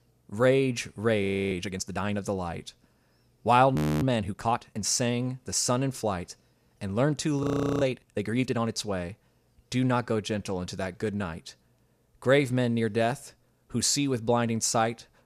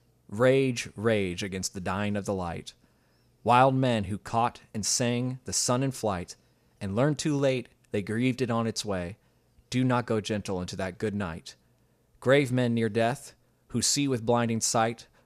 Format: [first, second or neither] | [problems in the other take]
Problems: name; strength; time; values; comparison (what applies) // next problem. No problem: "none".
second | audio freezing; at 1 s, at 4 s and at 7.5 s